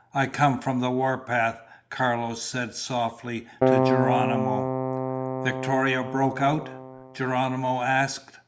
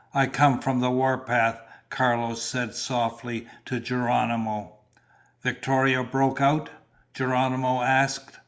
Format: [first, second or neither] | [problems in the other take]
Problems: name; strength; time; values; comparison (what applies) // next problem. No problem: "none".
second | background sound (Keyboard (musical)); as loud as the speech